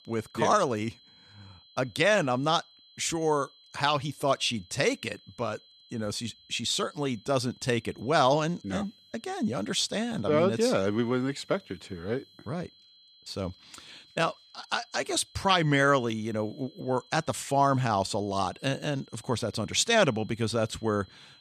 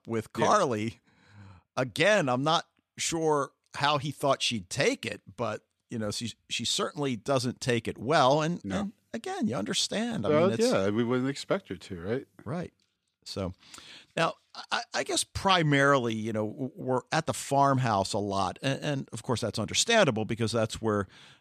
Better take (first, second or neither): second